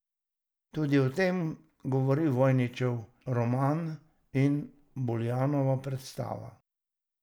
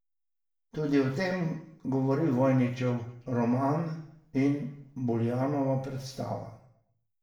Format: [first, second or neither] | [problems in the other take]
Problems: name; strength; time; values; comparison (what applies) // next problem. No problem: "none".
first | room echo; dies away in 0.6 s